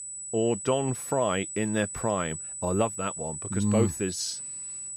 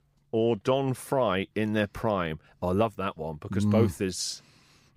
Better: second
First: high-pitched whine; loud; throughout; 8 kHz, 6 dB below the speech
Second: none

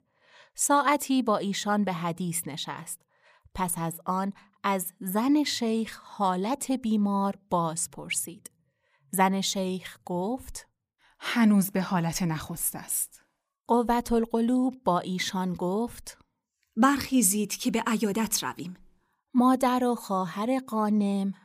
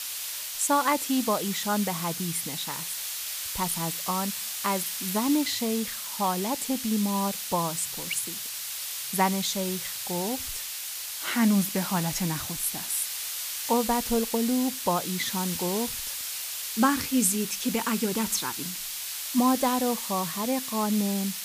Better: first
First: none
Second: hiss; loud; throughout; 3 dB below the speech

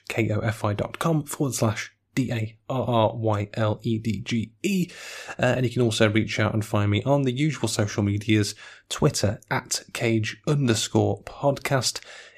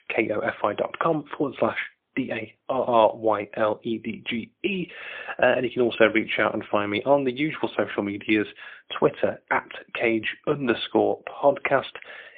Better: first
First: none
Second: phone-call audio; poor line

